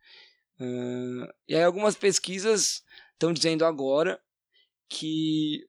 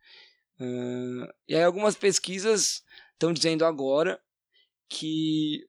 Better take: neither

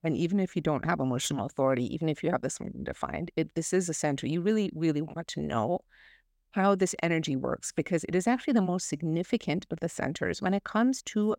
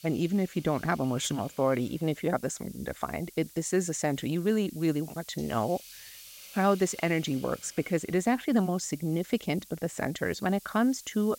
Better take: first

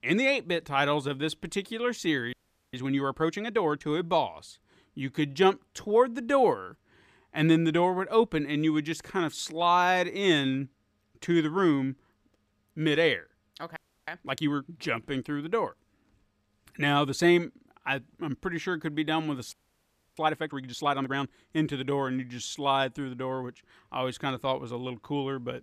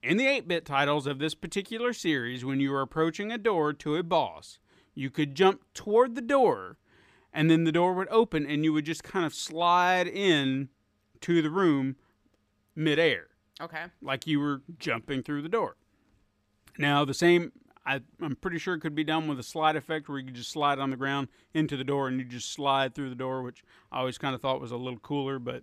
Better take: second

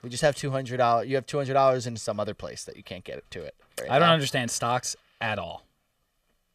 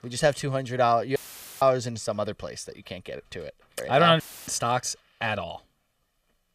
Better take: first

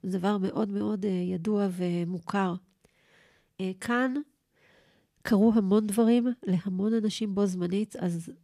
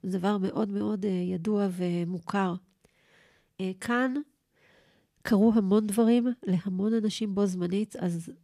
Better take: neither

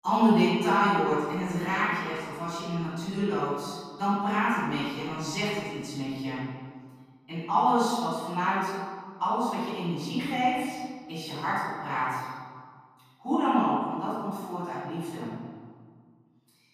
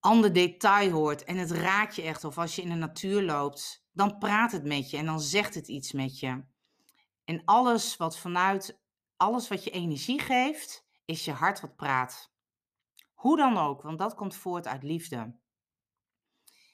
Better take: second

